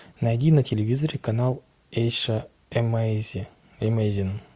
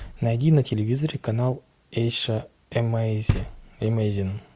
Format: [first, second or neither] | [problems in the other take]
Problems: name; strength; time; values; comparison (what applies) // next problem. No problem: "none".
first | background sound (Knock); 11 dB below the speech